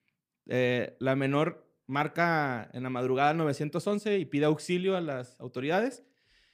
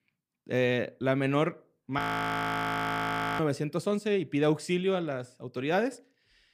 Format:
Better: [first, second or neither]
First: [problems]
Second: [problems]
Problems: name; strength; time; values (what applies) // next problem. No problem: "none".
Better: first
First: none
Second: audio freezing; at 2 s for 1.5 s